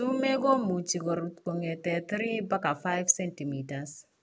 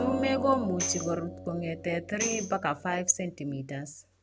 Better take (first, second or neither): first